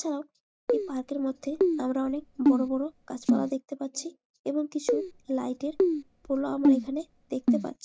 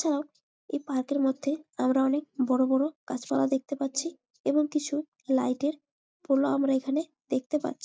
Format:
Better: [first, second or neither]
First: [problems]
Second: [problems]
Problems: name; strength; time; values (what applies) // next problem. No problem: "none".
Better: second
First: background sound (Keyboard (musical)); 3 dB above the speech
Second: none